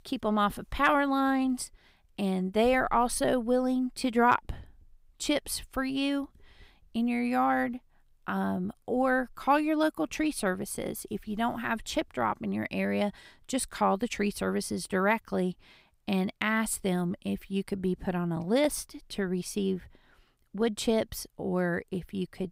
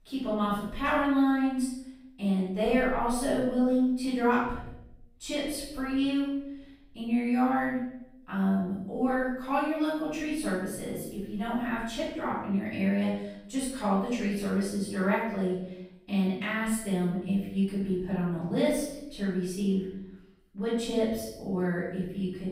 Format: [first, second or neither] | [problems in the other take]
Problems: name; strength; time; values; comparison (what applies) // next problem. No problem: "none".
first | off-mic speech; far // room echo; noticeable; dies away in 0.7 s